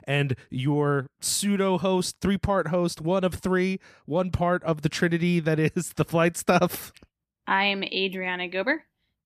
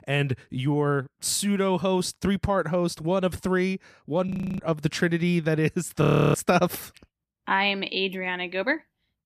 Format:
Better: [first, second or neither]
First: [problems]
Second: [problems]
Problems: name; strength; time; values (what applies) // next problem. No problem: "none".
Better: first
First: none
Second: audio freezing; at 4.5 s and at 6 s